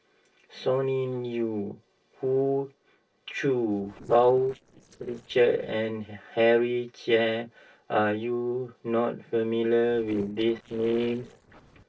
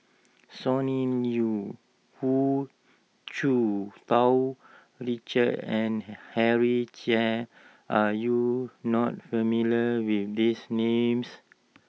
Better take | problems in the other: second | noise reduction (neural separator model SepFormer DNS4)

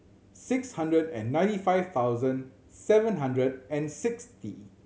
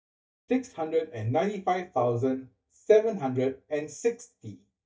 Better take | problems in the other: first | noise reduction (neural mask model DeepFilterNet 3)

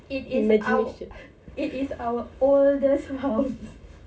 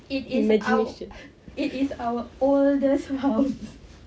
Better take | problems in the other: second | room echo; dies away in 0.2 s

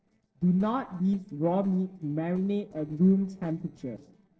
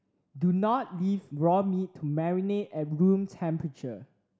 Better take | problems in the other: second | noise reduction (neural separator model SepFormer DNS4)

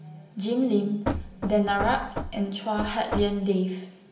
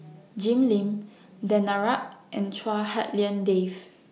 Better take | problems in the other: second | background sound (Knock / Wood); 7 dB below the speech // room echo; dies away in 0.8 s

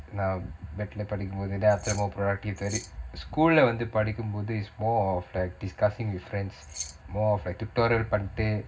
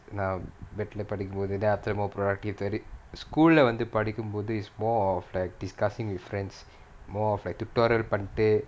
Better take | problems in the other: second | background sound (Keys jangling); 12 dB below the speech // room echo; dies away in 0.4 s

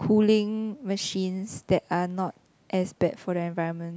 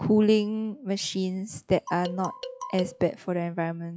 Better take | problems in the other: first | noise reduction (classical method log-MMSE)

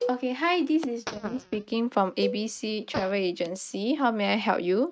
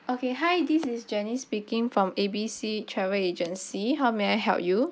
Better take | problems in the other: second | noise reduction (neural mask model RNNoise)

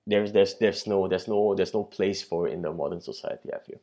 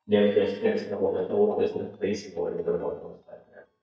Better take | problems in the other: first | noise reduction (neural mask model DeepFilterNet 3)

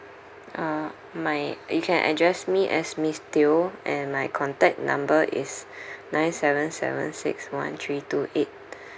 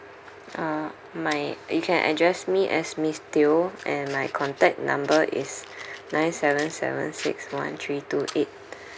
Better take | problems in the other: first | background sound (Fire); 20 dB below the speech

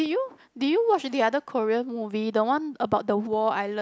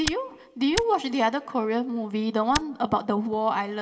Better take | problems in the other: first | background sound (Tick); 8 dB below the speech // room echo; dies away in 0.4 s

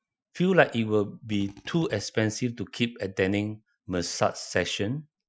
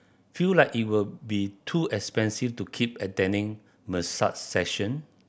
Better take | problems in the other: second | noise reduction (classical method Wiener filter)

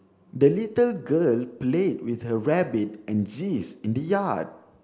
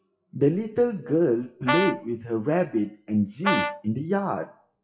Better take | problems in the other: first | noise reduction (classical method WPE with log-MMSE)

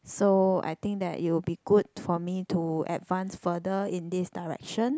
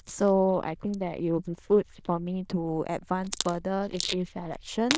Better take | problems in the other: first | noise reduction (neural diffusion model UNIVERSE++)

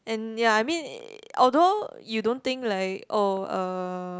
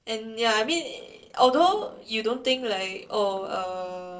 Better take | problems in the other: first | noise reduction (neural separator model SepFormer DNS4)

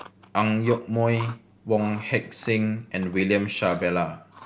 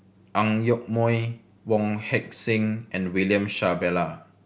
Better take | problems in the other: second | background sound (Chewing, mastication); 20 dB below the speech

